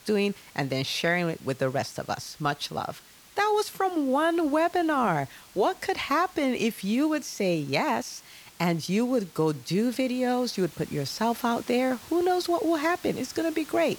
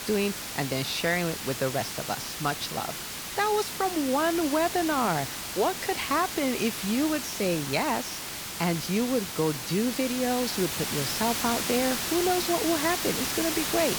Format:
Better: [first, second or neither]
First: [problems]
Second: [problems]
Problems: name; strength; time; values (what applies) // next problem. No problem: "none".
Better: first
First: hiss; faint; throughout; 20 dB below the speech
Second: hiss; loud; throughout; 3 dB below the speech